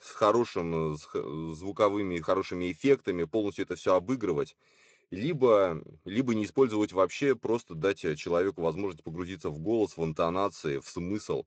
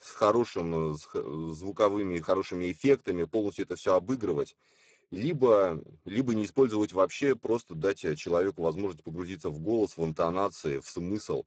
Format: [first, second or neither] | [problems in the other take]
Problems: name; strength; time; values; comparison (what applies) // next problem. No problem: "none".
first | garbled, watery; badly; nothing above 7.5 kHz; slightly in the first